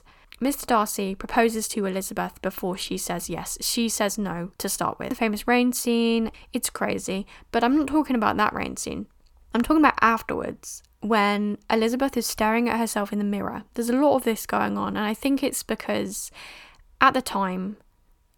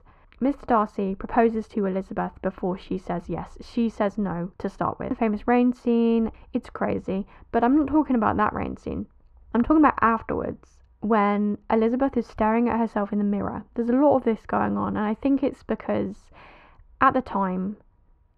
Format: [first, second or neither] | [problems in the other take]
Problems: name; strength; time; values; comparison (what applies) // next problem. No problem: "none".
first | muffled; very; fading above 1.5 kHz